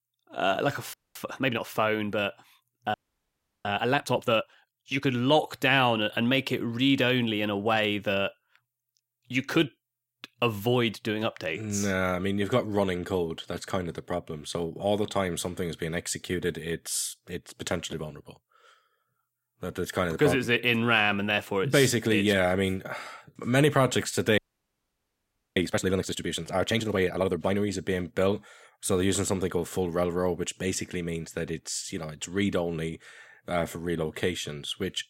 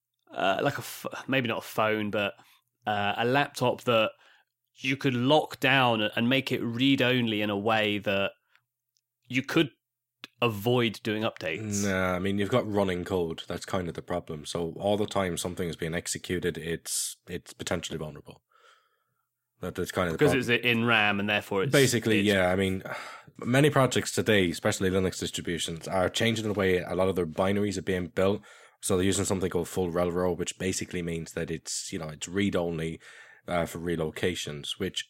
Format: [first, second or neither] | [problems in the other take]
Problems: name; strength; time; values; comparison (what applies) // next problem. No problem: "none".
second | audio freezing; at 1 s, at 3 s for 0.5 s and at 24 s for 1 s